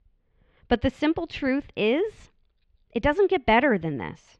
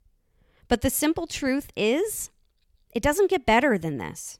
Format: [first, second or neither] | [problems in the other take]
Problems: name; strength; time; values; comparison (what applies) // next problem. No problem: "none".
second | muffled; very; fading above 3.5 kHz